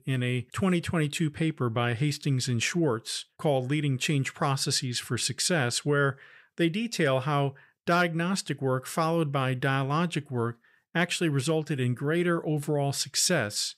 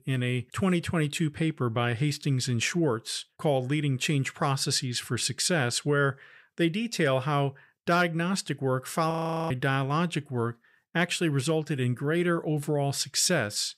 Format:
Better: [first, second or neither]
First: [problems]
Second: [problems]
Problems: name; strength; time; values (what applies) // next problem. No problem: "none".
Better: first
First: none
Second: audio freezing; at 9 s